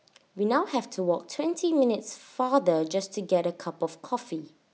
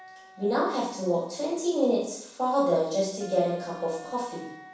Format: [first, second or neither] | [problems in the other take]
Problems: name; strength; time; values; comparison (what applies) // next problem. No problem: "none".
first | background sound (Wind instrument, woodwind instrument); 20 dB below the speech // room echo; dies away in 0.7 s